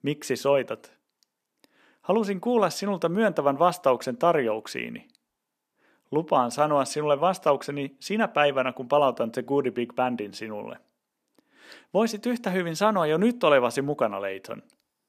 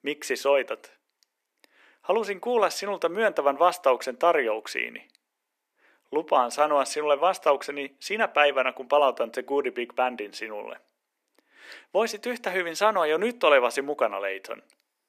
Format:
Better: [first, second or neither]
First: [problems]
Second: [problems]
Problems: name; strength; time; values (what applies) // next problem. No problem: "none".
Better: first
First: none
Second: thin; somewhat; fading below 350 Hz